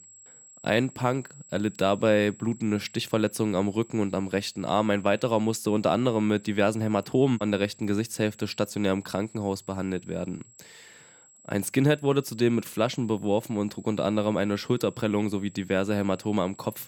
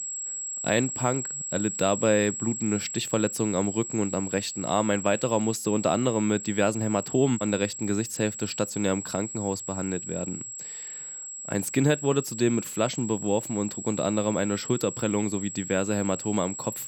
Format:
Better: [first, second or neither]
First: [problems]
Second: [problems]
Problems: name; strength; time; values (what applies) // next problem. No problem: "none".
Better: first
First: high-pitched whine; faint; throughout; 7.5 kHz, 25 dB below the speech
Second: high-pitched whine; loud; throughout; 7.5 kHz, 7 dB below the speech